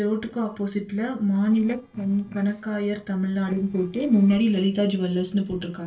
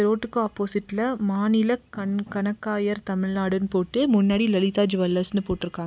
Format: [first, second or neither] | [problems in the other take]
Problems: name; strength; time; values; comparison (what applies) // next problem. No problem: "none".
second | noise reduction (neural separator model SepFormer DNS4)